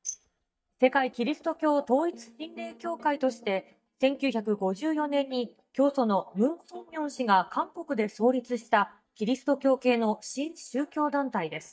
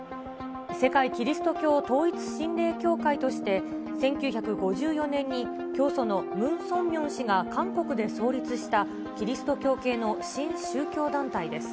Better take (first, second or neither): second